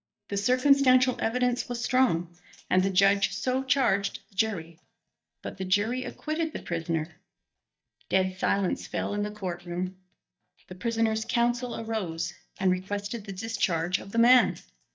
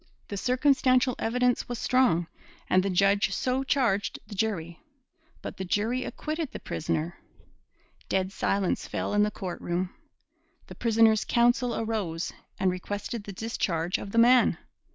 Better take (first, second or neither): second